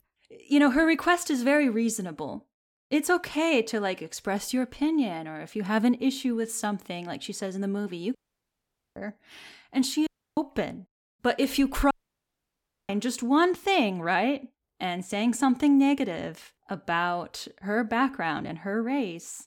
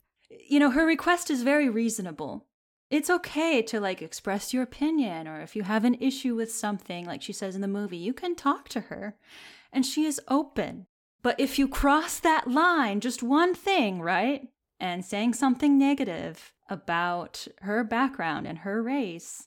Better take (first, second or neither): second